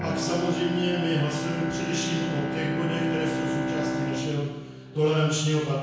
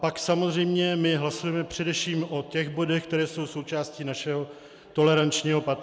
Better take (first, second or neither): second